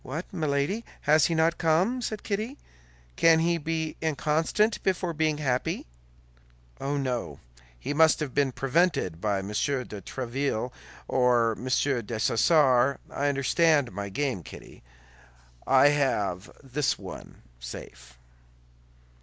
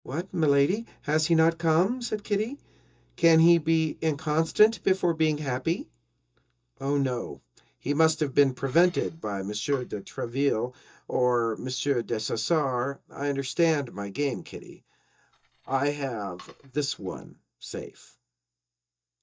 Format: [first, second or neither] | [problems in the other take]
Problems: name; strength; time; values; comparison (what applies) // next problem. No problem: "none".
first | noise reduction (neural mask model DeepFilterNet 3)